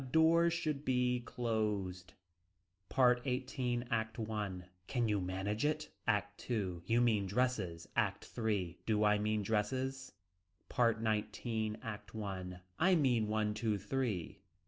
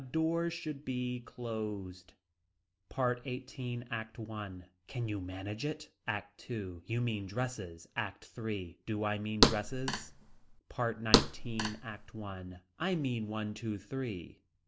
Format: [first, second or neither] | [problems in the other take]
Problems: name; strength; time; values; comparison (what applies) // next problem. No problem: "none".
first | background sound (Thump, thud); 4 dB above the speech